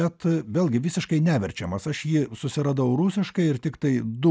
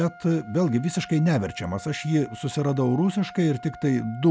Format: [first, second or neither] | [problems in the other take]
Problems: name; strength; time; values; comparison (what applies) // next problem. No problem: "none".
first | background sound (Trumpet); 19 dB below the speech